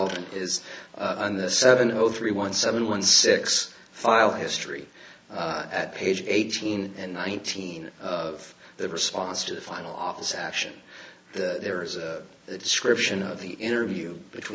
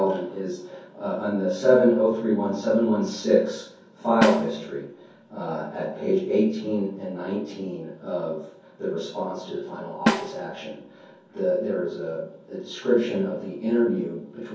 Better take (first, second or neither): first